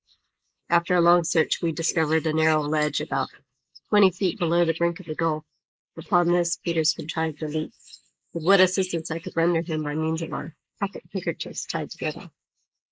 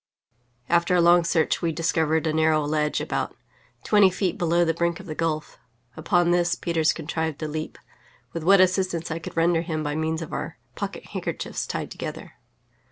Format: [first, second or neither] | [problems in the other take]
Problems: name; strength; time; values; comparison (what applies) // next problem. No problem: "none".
second | noise reduction (neural mask model Resemble Enhance denoiser)